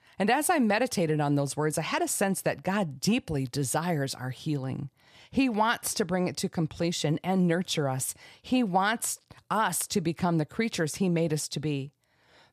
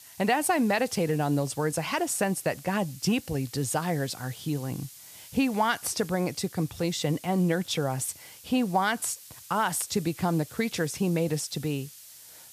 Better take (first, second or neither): first